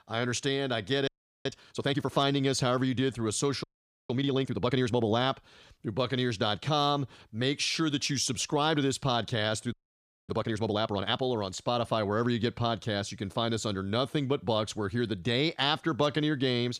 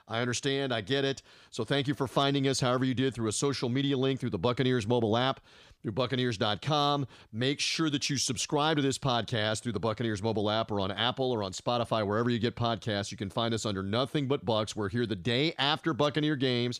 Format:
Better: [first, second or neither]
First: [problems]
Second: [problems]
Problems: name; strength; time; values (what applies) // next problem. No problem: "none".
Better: second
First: audio freezing; at 1 s, at 3.5 s and at 9.5 s for 0.5 s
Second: none